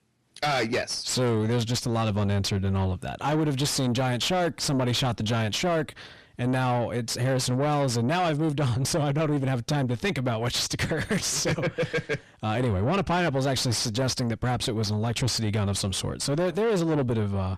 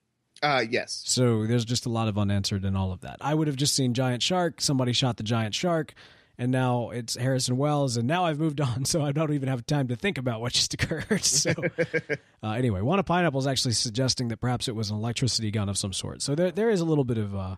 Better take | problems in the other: second | distortion; heavy; 6 dB below the speech

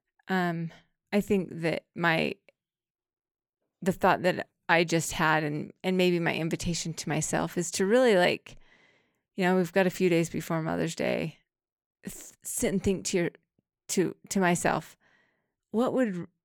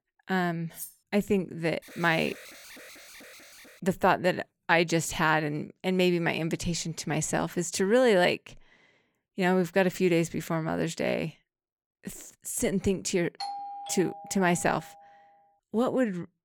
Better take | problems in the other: first | clattering dishes; faint; at 0.5 s; peak 15 dB below the speech // alarm; faint; from 2 to 4 s; peak 15 dB below the speech // doorbell; noticeable; from 13 to 15 s; peak 9 dB below the speech

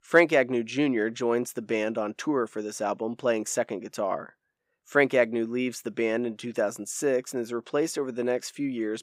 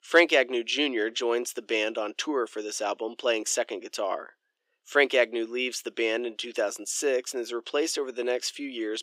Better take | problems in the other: first | thin; very slightly; fading below 350 Hz

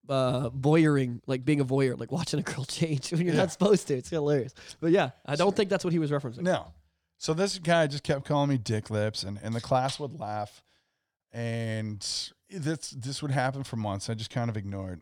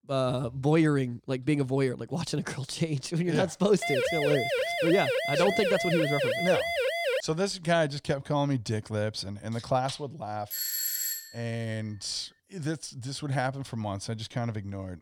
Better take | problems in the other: first | siren; loud; from 4 to 7 s; peak 2 dB above the speech // doorbell; loud; at 11 s; peak 2 dB above the speech

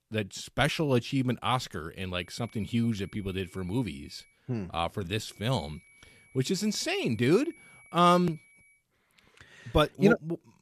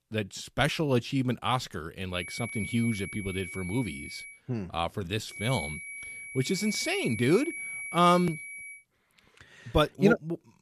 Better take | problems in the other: first | high-pitched whine; loud; from 2 to 4.5 s and from 5.5 to 9 s; 2.5 kHz, 9 dB below the speech; faint in the first

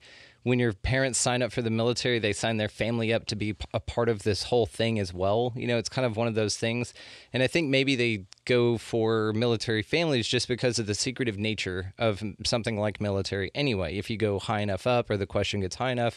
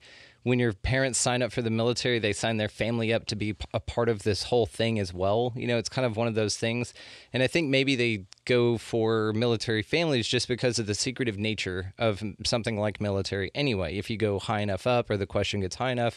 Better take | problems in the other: neither | none

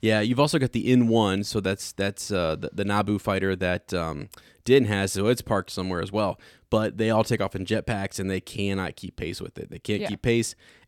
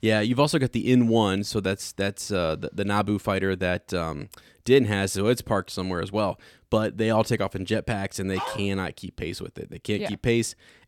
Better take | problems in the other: first | dog barking; noticeable; at 8.5 s; peak 8 dB below the speech

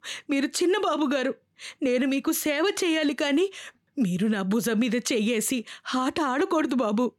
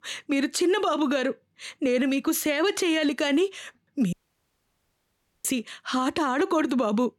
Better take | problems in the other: first | audio cutting out; at 4 s for 1.5 s

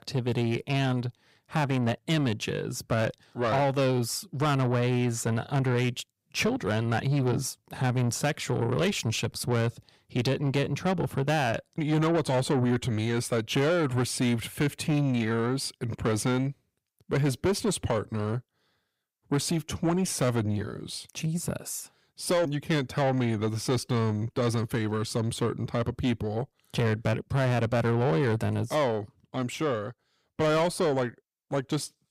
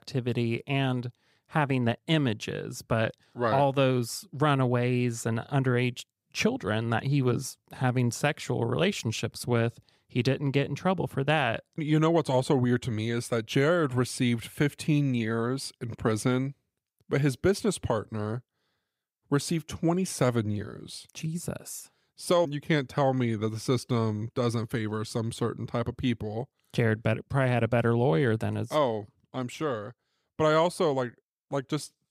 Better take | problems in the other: second | distortion; slight; 10 dB below the speech

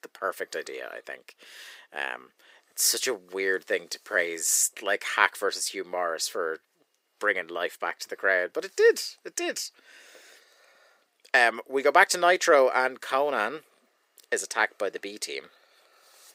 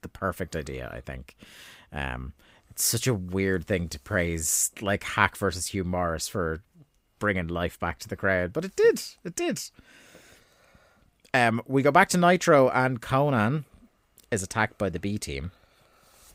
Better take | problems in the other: second | thin; very; fading below 400 Hz

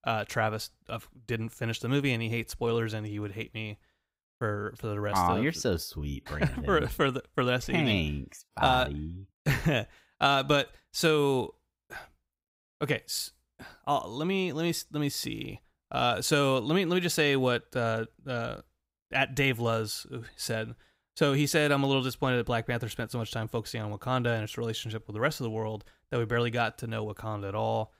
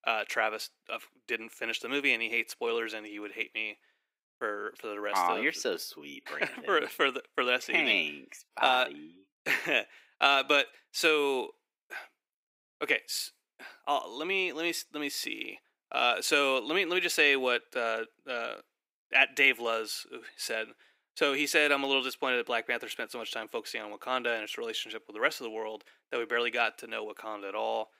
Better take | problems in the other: first | thin; somewhat; fading below 300 Hz

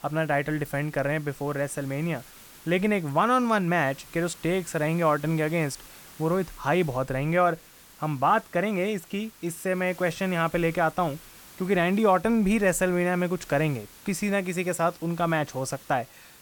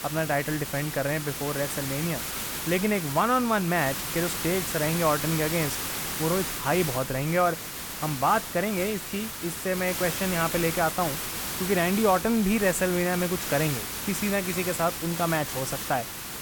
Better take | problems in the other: first | hiss; loud; throughout; 4 dB below the speech; faint in the first

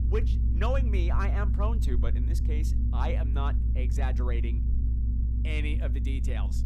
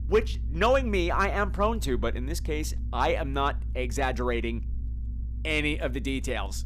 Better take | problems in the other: second | low rumble; loud; throughout; 7 dB below the speech; faint in the second

